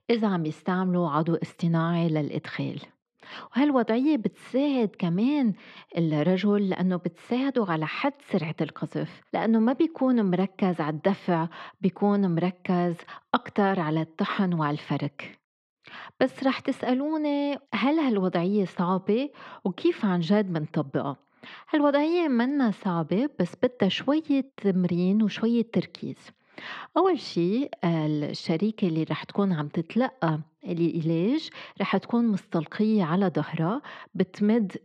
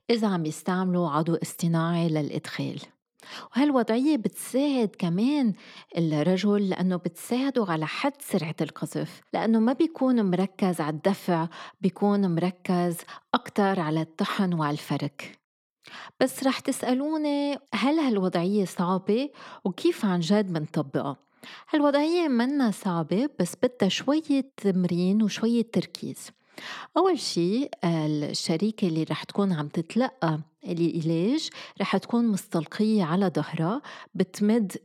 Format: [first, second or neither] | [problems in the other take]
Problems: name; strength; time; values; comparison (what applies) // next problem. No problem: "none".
second | muffled; very slightly; fading above 3 kHz